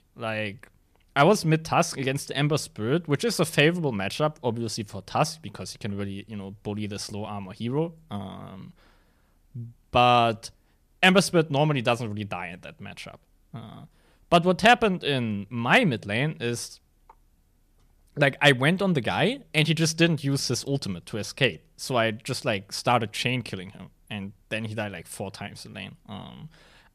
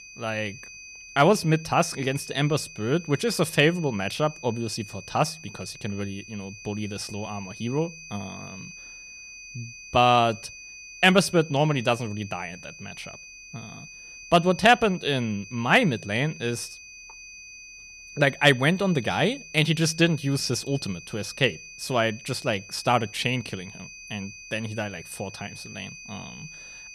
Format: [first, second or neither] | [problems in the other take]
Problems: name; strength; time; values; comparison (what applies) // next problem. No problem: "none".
first | high-pitched whine; noticeable; throughout; 2.5 kHz, 15 dB below the speech